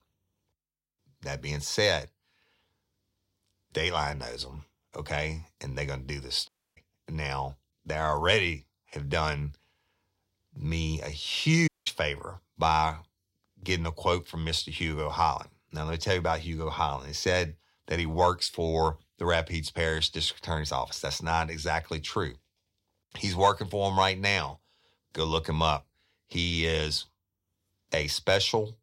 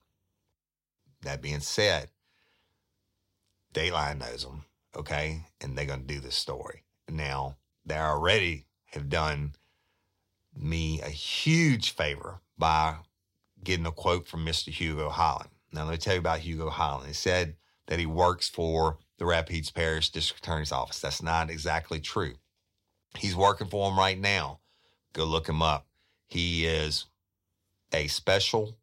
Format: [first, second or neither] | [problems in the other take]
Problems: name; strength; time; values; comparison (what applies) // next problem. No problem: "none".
second | audio cutting out; at 6.5 s and at 12 s